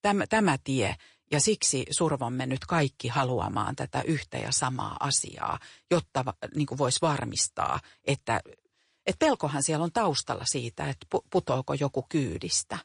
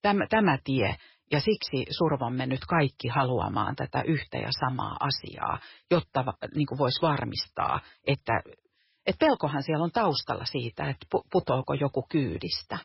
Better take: first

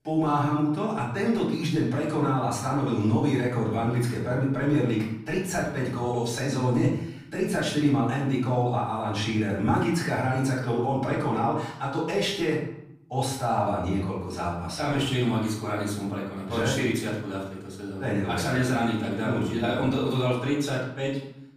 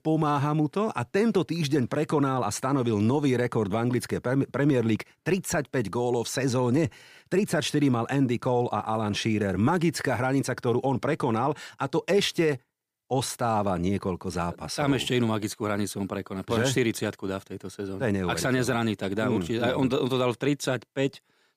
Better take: second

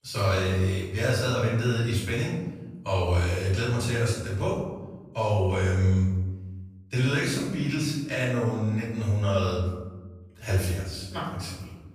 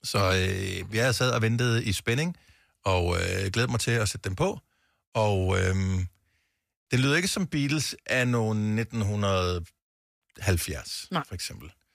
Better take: second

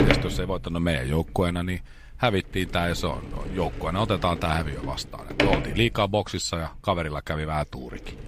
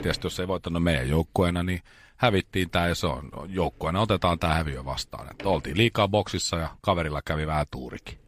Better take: second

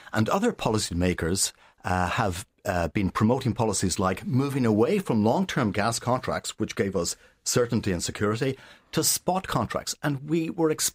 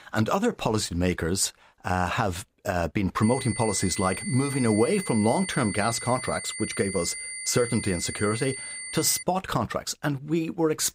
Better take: first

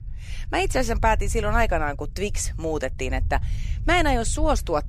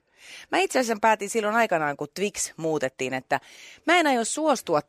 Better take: second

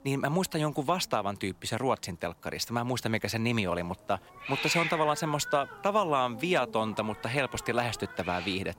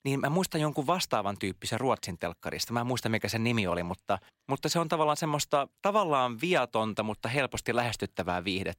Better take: second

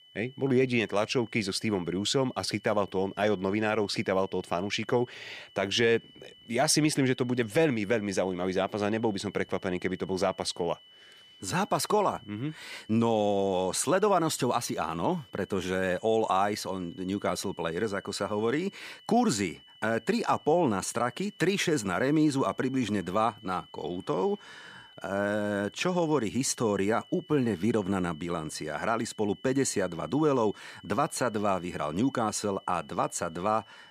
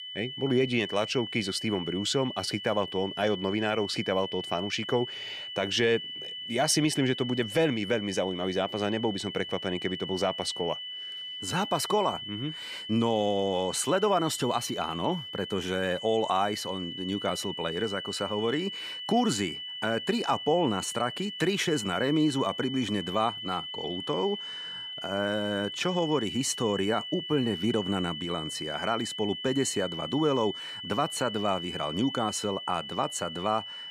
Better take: first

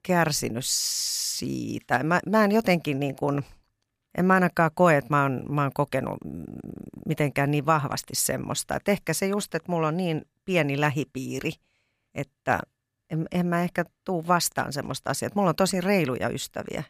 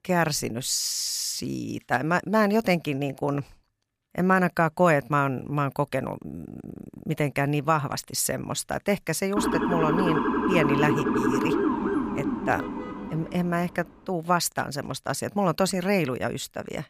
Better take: first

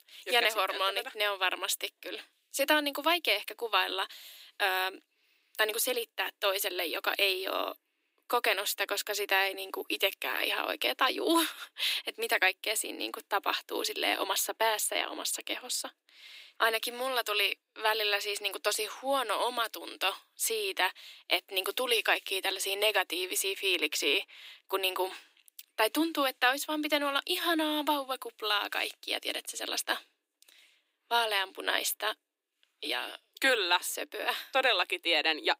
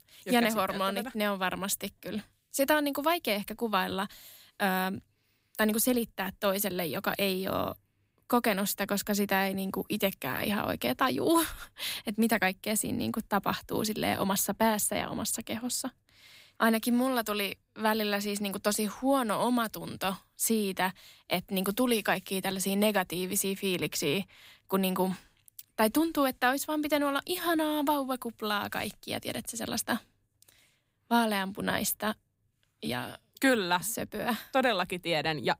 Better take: second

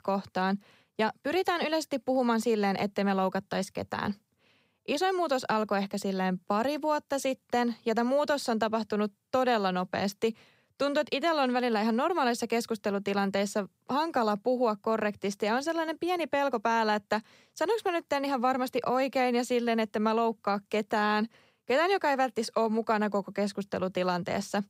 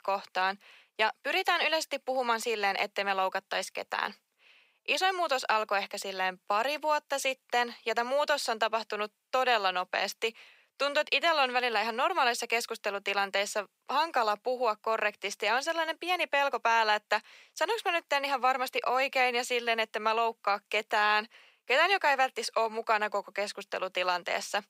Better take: first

